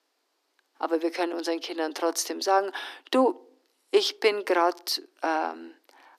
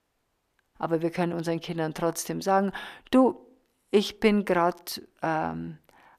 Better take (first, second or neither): second